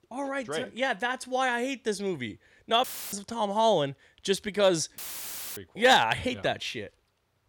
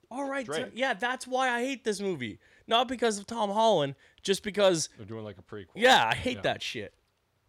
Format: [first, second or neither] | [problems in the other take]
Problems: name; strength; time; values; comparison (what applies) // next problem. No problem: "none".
second | audio cutting out; filled with static; at 3 s and at 5 s for 0.5 s